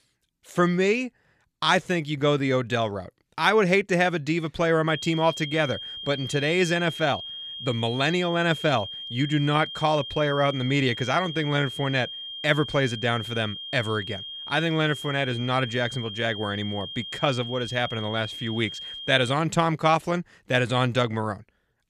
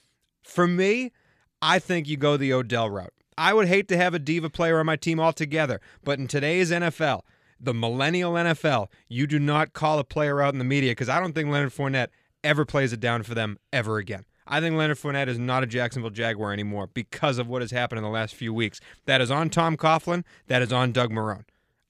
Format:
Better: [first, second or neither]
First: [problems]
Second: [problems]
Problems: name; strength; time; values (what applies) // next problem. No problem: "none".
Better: second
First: high-pitched whine; loud; from 5 to 19 s; 3 kHz, 9 dB below the speech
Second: none